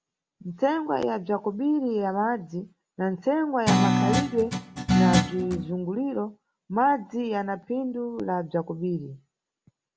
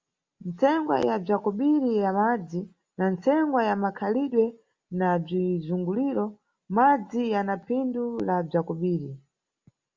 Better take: second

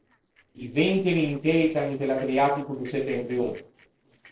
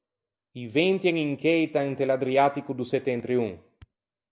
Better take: second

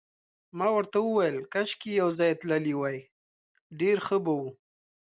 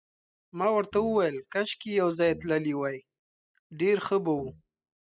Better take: first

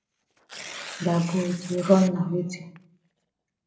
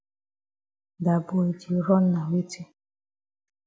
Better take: second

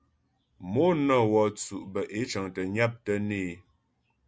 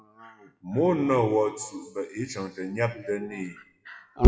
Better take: first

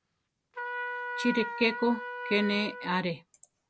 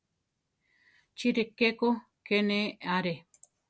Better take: second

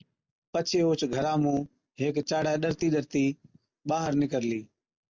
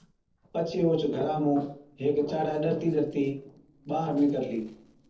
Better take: first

